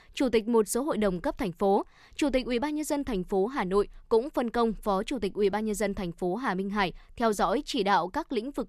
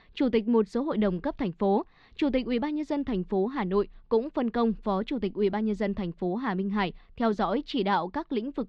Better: first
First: none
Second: muffled; very slightly; fading above 4 kHz

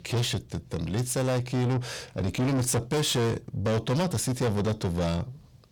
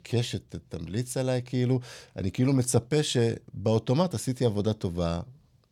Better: second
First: distortion; heavy; 6 dB below the speech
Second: none

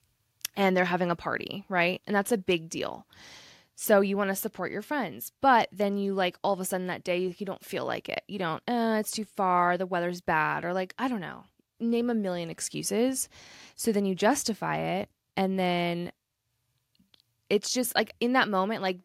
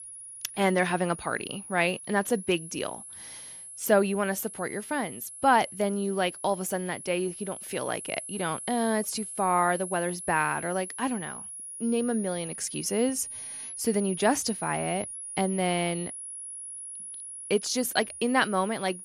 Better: first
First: none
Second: high-pitched whine; loud; throughout; 10.5 kHz, 9 dB below the speech

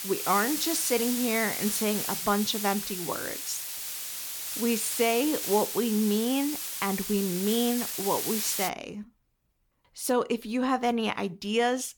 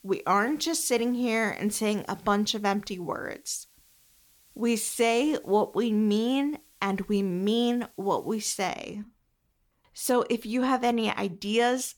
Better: second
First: hiss; loud; until 8.5 s; 3 dB below the speech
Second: hiss; faint; until 8.5 s; 30 dB below the speech

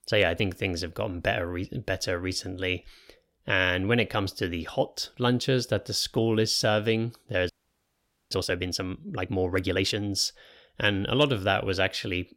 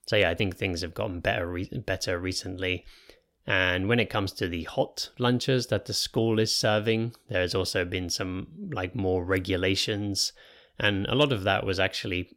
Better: second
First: audio freezing; at 7.5 s for 1 s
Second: none

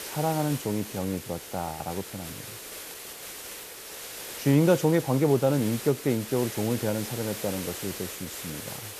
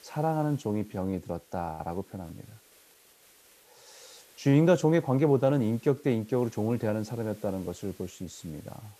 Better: second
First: hiss; loud; throughout; 10 dB below the speech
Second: hiss; faint; throughout; 25 dB below the speech

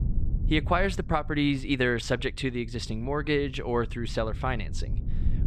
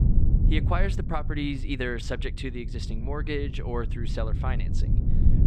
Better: first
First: low rumble; faint; throughout; 20 dB below the speech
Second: low rumble; loud; throughout; 10 dB below the speech

